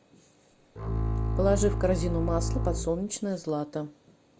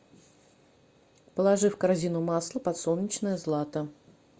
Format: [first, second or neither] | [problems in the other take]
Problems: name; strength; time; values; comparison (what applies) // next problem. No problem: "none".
second | background sound (Bowed string instrument); 1 dB above the speech